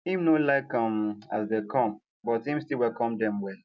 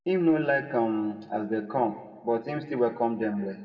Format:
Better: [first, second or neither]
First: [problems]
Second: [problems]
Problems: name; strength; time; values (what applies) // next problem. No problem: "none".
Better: first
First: none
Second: room echo; dies away in 1.3 s